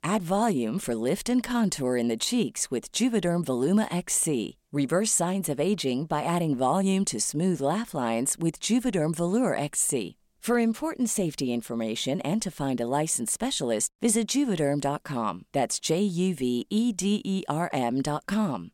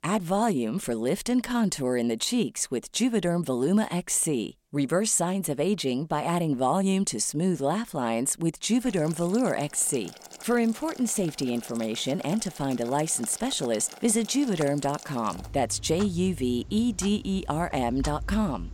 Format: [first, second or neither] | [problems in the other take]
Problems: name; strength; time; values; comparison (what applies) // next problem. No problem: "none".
first | household noises; noticeable; from 9 s on; 15 dB below the speech